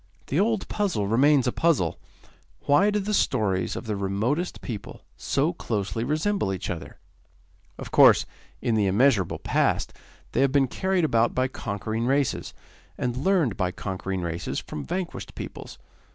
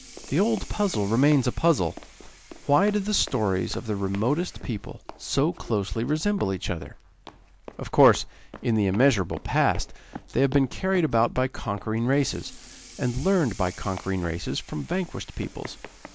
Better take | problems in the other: first | background sound (Sink (filling or washing) / Water tap, faucet + Run); 19 dB below the speech

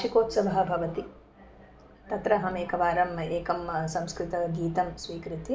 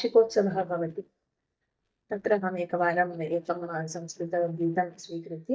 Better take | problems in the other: first | noise reduction (neural mask model DeepFilterNet 3)

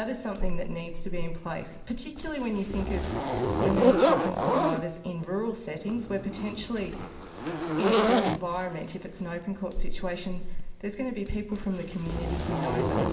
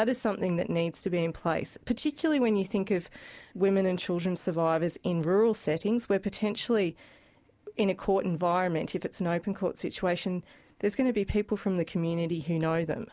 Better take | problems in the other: second | background sound (Zipper (clothing)); 3 dB above the speech // room echo; dies away in 1.7 s

